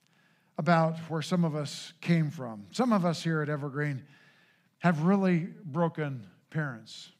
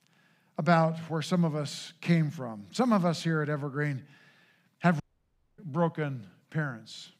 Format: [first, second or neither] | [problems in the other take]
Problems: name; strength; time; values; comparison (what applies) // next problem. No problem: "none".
first | audio cutting out; at 5 s for 0.5 s